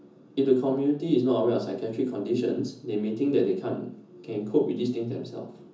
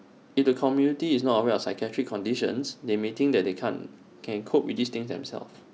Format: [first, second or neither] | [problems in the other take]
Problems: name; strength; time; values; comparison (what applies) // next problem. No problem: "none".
second | room echo; dies away in 0.6 s